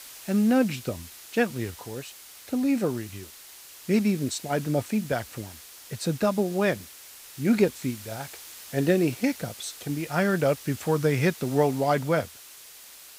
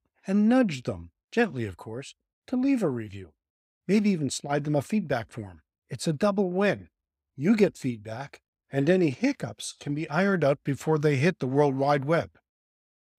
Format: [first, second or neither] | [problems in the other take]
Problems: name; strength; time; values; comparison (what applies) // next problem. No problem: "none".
second | hiss; noticeable; throughout; 15 dB below the speech